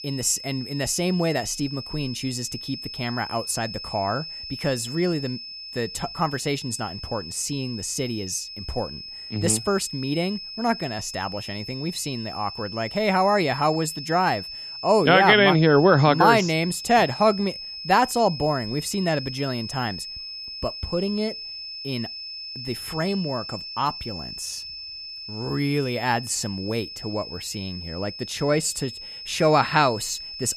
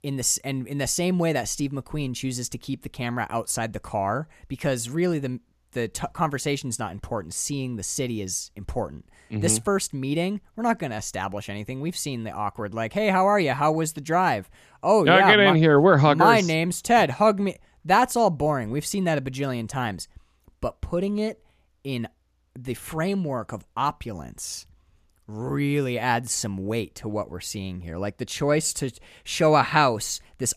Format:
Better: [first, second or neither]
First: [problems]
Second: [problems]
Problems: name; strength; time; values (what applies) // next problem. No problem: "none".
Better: second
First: high-pitched whine; loud; throughout; 5 kHz, 10 dB below the speech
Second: none